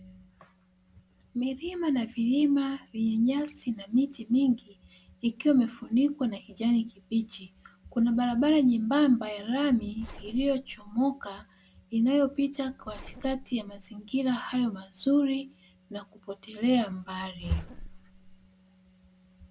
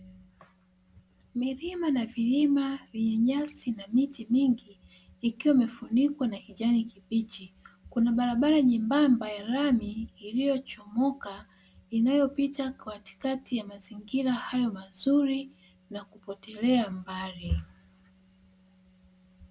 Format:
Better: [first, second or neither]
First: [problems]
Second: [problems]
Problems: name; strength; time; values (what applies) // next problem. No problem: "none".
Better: second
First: background sound (Zipper (clothing)); 17 dB below the speech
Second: none